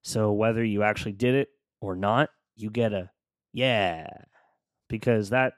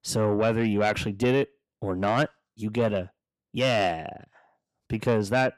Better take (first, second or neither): first